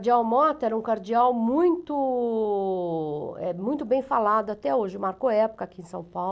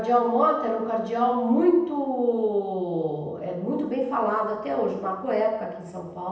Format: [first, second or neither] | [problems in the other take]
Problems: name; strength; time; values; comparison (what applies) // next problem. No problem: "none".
first | room echo; dies away in 0.9 s